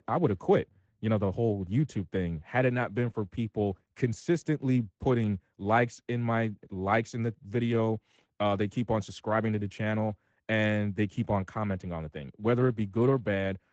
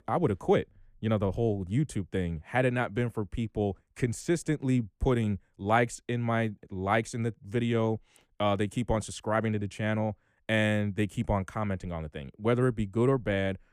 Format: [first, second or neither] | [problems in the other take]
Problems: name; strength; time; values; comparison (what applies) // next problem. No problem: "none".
second | garbled, watery; slightly